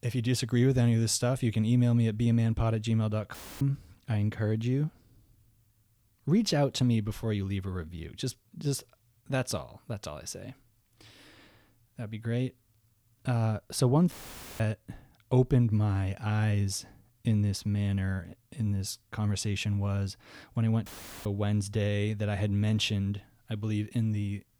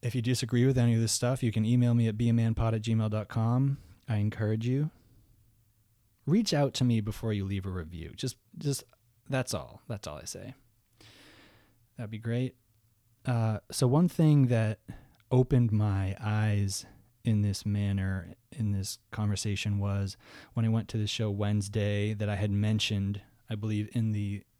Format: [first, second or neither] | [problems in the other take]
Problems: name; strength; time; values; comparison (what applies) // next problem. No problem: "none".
second | audio cutting out; filled with static; at 3.5 s, at 14 s and at 21 s